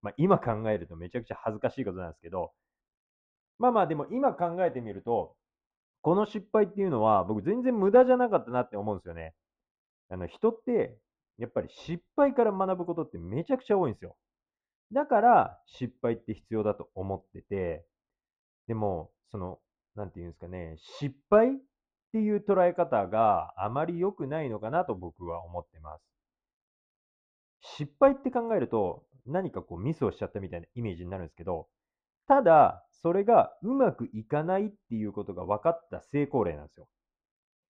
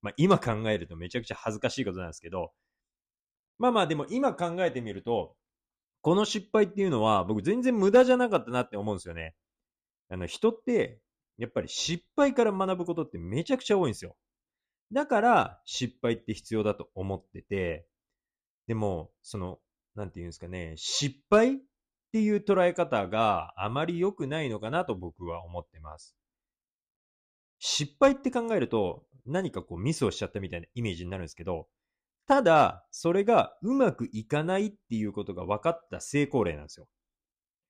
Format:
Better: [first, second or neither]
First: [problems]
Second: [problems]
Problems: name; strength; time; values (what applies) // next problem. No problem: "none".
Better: second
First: muffled; very; fading above 3.5 kHz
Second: none